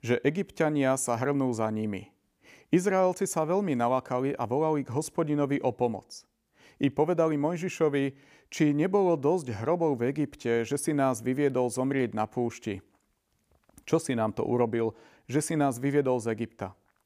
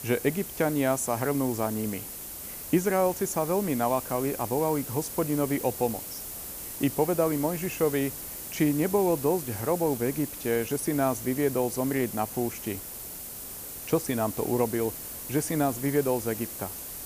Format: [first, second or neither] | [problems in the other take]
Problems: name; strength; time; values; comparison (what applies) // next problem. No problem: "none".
first | hiss; loud; throughout; 8 dB below the speech